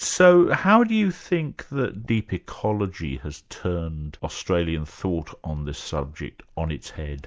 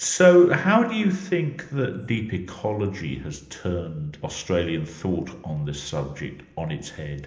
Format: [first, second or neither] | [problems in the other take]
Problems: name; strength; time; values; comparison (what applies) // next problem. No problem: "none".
first | room echo; dies away in 0.8 s